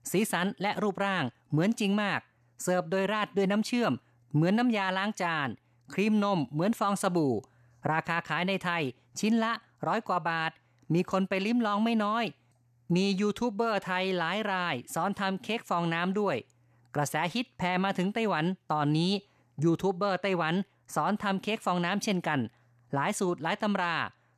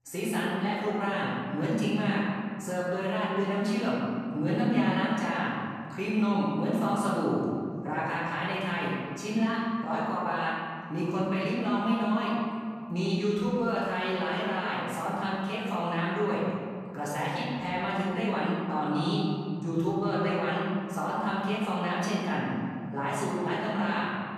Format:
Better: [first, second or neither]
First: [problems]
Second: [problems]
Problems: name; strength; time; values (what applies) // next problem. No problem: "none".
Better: first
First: none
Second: room echo; strong; dies away in 2.1 s // off-mic speech; far